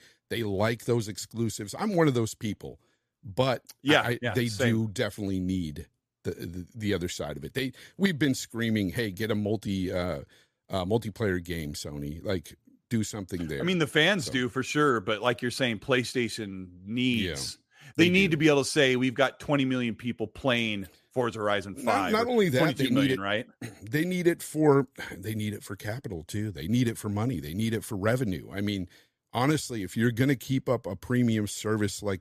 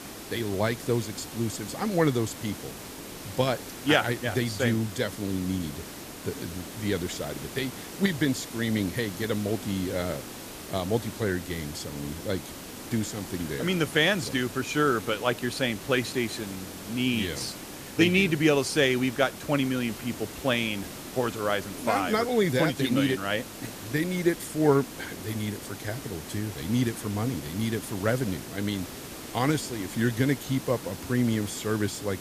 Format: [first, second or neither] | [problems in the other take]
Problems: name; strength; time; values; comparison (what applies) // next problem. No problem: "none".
first | hiss; noticeable; throughout; 10 dB below the speech